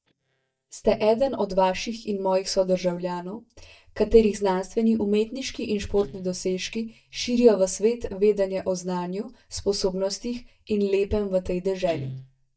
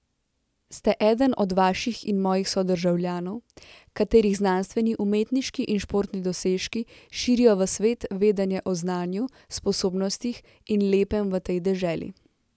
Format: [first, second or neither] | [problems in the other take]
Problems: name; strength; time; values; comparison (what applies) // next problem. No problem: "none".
second | noise reduction (neural mask model DeepFilterNet 3)